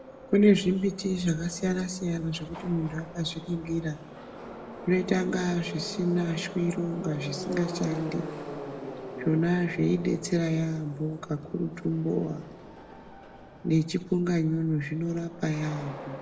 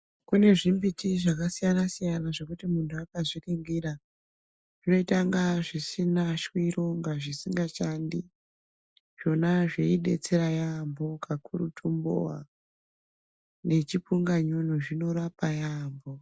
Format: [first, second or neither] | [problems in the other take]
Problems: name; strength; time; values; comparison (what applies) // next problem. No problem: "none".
second | background sound (Subway, metro, underground); 12 dB below the speech // room echo; dies away in 1.1 s